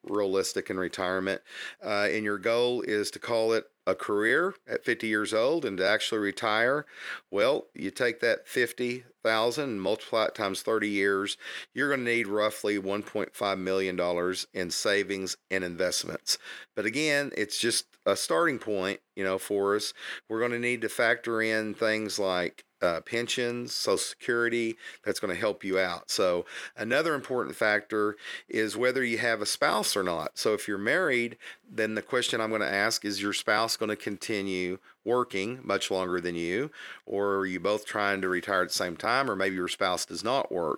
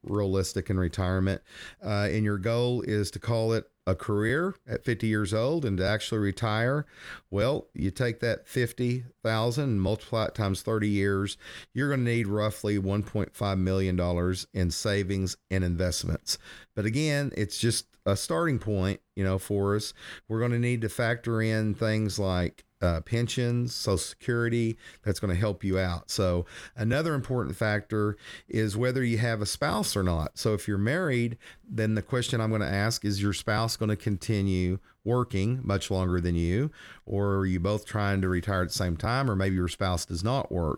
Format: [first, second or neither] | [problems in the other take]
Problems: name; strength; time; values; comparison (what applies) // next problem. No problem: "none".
second | thin; somewhat; fading below 400 Hz